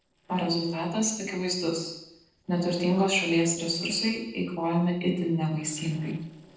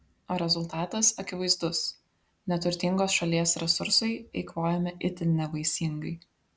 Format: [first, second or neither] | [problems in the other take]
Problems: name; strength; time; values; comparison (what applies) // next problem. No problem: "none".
second | noise reduction (neural separator model SepFormer DNS4)